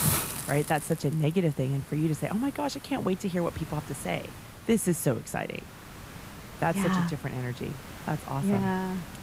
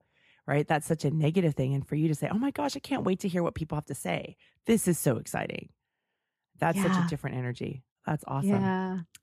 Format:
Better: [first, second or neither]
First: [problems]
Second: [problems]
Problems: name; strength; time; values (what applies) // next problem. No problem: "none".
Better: second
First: hiss; noticeable; throughout; 10 dB below the speech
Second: none